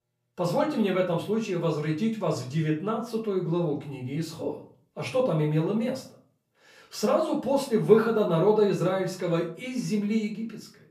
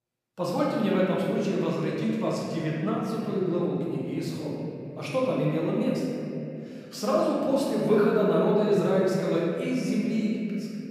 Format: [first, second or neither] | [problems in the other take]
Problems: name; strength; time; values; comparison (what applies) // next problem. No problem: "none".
first | room echo; strong; dies away in 3 s; slight in the first // off-mic speech; far; far in the first